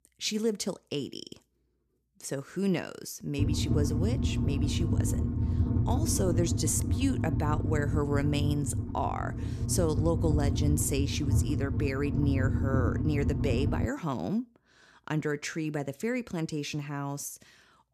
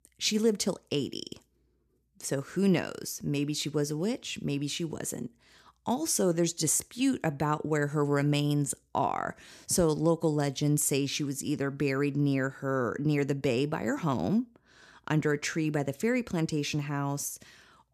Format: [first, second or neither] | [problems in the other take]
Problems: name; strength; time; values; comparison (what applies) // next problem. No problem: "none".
second | low rumble; loud; from 3.5 to 14 s; 6 dB below the speech